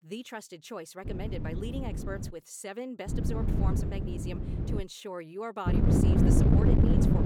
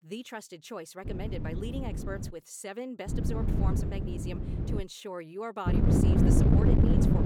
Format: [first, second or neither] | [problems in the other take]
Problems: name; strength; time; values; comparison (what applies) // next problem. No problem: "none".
neither | wind noise on the microphone; heavy; from 1 to 2.5 s, from 3 to 5 s and from 5.5 s on; 4 dB above the speech; the same in both